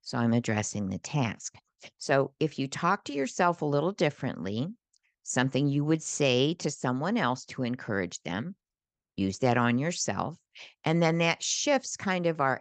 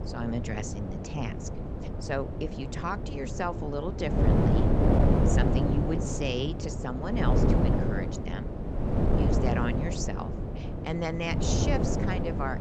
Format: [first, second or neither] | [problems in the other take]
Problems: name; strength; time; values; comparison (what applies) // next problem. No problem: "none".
first | wind noise on the microphone; heavy; 1 dB above the speech